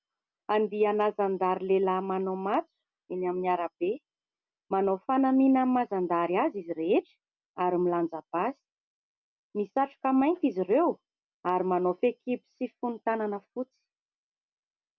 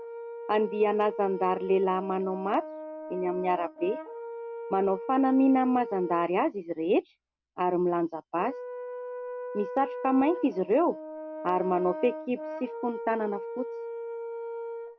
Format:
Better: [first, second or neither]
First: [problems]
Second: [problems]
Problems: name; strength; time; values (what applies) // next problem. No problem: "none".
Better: first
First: none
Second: background sound (Brass instrument); 10 dB below the speech